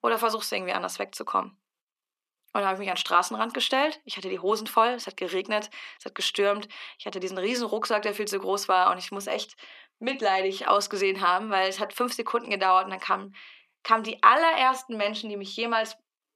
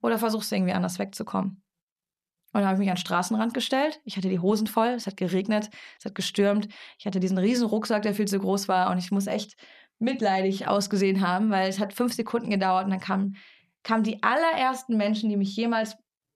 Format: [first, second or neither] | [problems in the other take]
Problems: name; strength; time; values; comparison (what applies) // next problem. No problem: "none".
second | thin; very; fading below 300 Hz